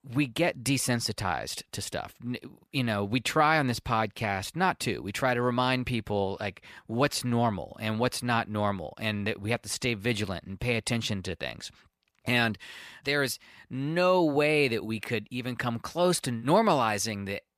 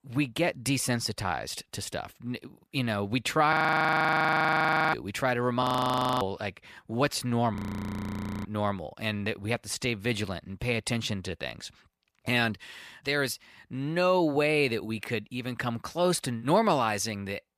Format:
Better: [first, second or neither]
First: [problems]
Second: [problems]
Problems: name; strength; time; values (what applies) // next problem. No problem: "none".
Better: first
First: none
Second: audio freezing; at 3.5 s for 1.5 s, at 5.5 s for 0.5 s and at 7.5 s for 1 s